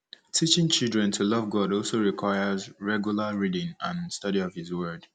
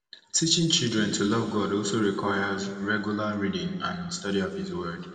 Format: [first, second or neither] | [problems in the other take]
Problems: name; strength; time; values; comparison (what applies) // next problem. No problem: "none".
first | room echo; dies away in 2.2 s